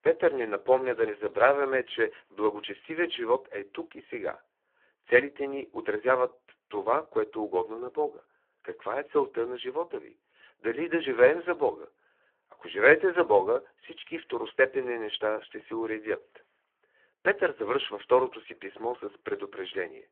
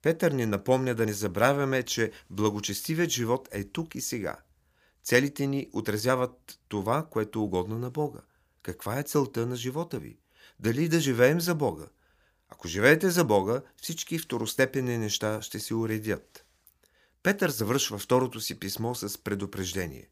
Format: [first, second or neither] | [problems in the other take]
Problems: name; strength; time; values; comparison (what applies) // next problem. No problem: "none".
second | phone-call audio; poor line